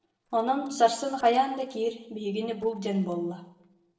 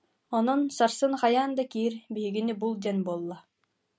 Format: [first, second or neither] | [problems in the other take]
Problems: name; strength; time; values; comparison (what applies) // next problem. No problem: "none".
second | noise reduction (neural separator model SepFormer DNS4)